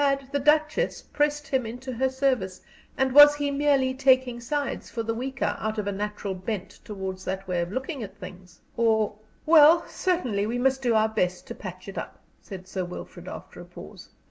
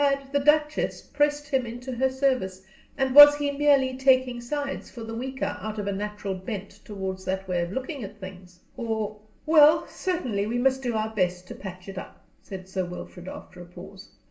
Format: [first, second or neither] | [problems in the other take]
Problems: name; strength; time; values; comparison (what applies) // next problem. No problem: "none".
first | room echo; dies away in 0.4 s